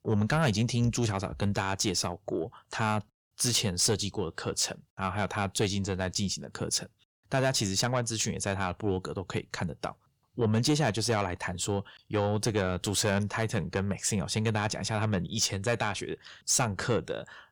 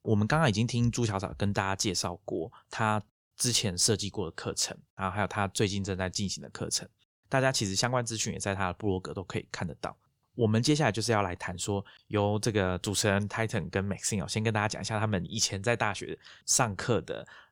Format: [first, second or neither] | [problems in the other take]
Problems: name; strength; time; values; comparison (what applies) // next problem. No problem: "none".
second | distortion; slight; 10 dB below the speech